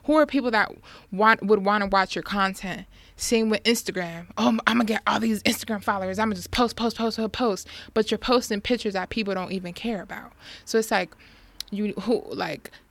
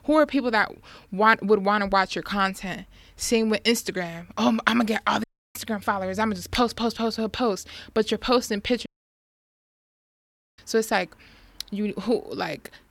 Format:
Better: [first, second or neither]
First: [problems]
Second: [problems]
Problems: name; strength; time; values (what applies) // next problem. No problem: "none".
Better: first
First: none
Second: audio cutting out; at 5 s and at 9 s for 1.5 s